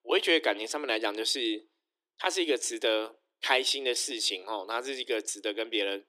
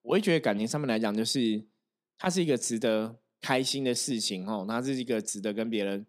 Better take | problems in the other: second | thin; very; fading below 300 Hz

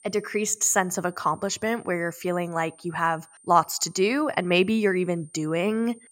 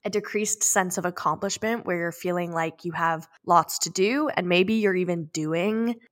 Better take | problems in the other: second | high-pitched whine; faint; throughout; 9 kHz, 25 dB below the speech

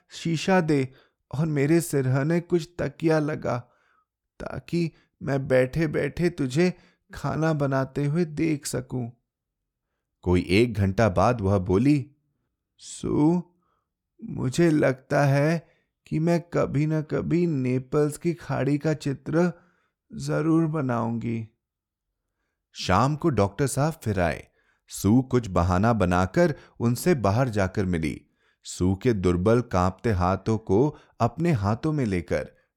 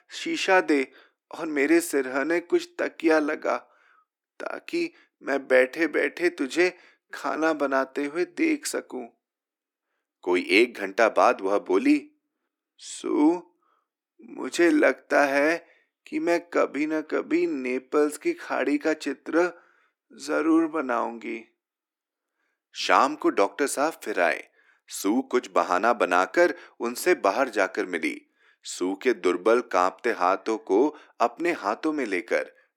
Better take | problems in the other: first | thin; somewhat; fading below 300 Hz

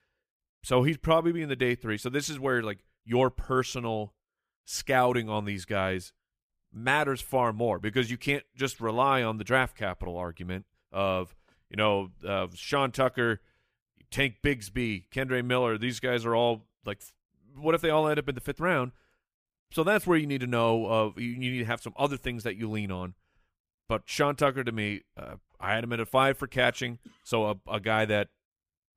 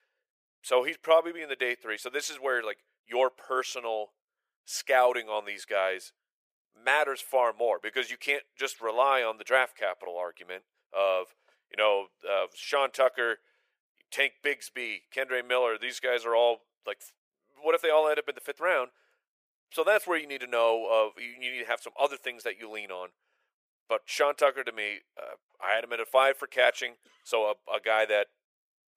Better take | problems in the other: first | thin; very; fading below 450 Hz

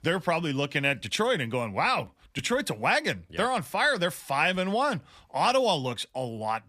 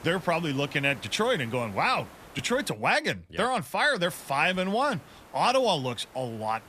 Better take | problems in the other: first | hiss; faint; until 2.5 s and from 4 s on; 20 dB below the speech

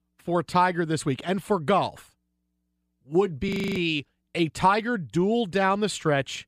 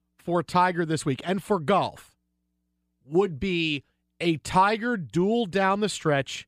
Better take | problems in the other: second | audio freezing; at 3.5 s

